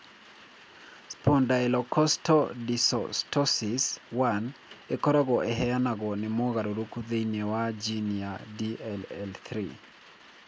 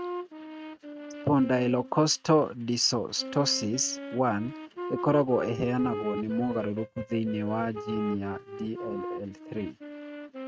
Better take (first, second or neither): first